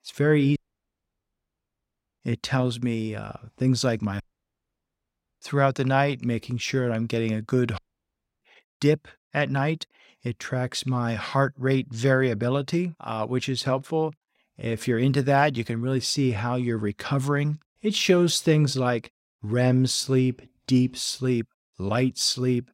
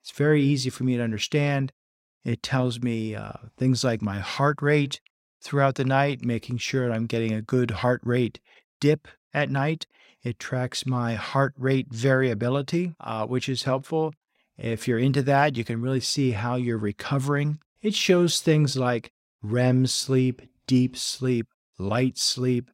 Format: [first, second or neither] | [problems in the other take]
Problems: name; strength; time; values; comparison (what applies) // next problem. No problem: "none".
second | audio cutting out; at 0.5 s for 1.5 s, at 4 s for 1 s and at 8 s for 0.5 s